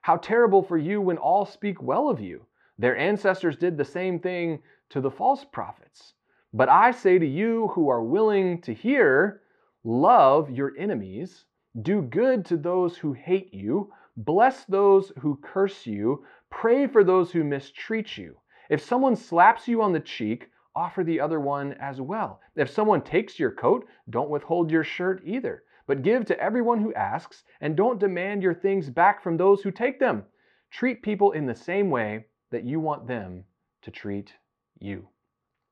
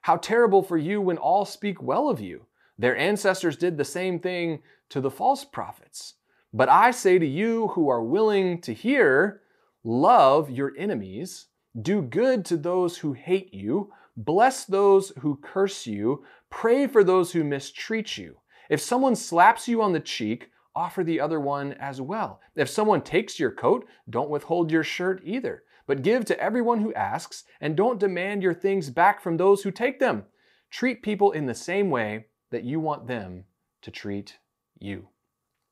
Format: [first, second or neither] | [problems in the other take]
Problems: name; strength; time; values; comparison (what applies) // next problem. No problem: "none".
second | muffled; slightly; fading above 2.5 kHz